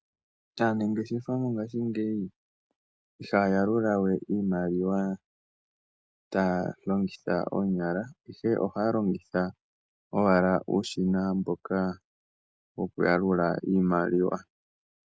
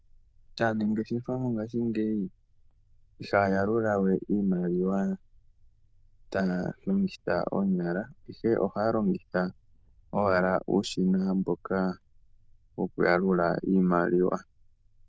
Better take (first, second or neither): first